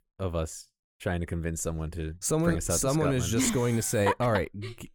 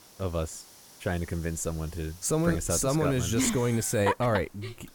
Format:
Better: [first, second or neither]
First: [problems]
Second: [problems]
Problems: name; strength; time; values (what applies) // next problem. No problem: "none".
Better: first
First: none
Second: hiss; faint; throughout; 20 dB below the speech